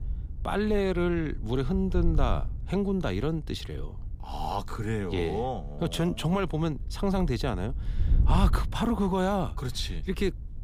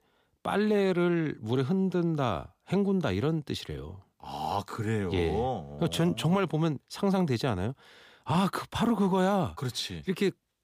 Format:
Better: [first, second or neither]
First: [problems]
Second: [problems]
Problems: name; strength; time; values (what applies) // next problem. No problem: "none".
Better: second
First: wind noise on the microphone; occasional gusts; 20 dB below the speech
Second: none